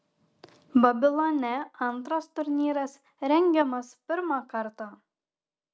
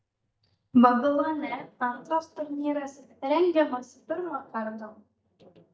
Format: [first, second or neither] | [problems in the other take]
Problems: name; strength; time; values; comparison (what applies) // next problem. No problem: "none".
first | noise reduction (neural mask model DeepFilterNet 3)